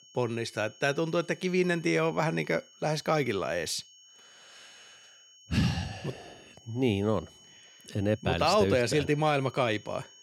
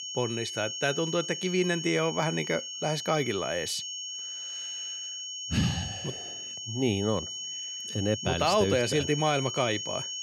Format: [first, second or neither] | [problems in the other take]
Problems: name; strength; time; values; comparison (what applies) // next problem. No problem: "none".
first | high-pitched whine; loud; throughout; 3 kHz, 5 dB below the speech; faint in the first